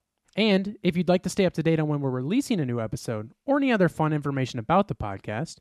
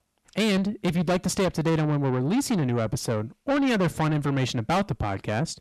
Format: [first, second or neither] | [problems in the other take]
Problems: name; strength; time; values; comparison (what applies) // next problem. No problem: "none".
first | distortion; heavy; 7 dB below the speech